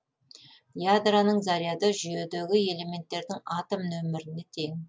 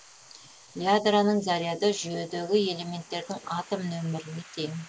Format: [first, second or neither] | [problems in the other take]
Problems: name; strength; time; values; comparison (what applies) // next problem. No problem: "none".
first | noise reduction (neural mask model Resemble Enhance denoiser)